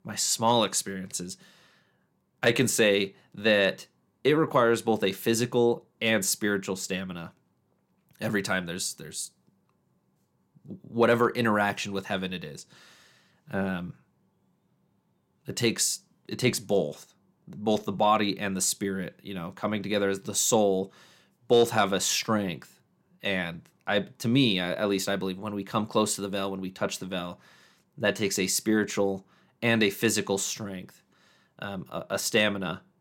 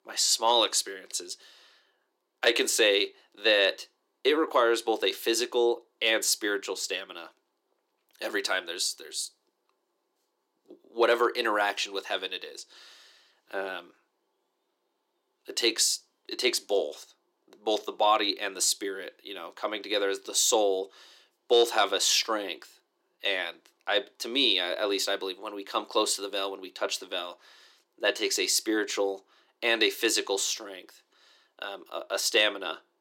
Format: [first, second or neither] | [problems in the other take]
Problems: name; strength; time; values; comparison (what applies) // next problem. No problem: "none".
first | thin; somewhat; fading below 350 Hz